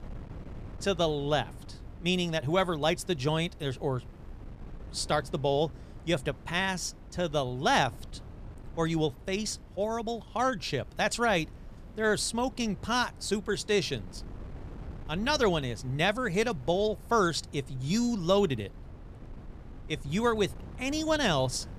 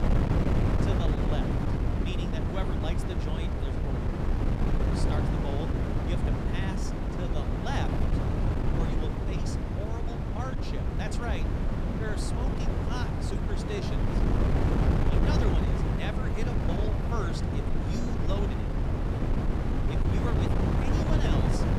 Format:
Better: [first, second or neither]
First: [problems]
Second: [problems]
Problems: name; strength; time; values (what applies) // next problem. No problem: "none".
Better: first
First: wind noise on the microphone; occasional gusts; 25 dB below the speech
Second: wind noise on the microphone; heavy; 4 dB above the speech